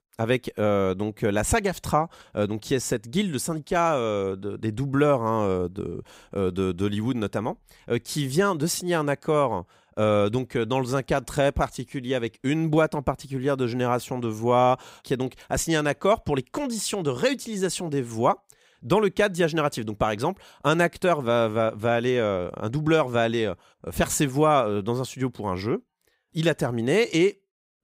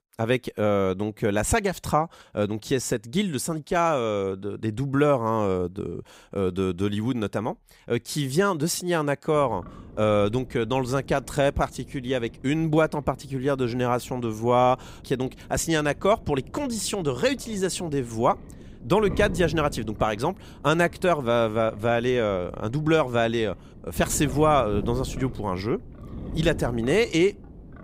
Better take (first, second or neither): first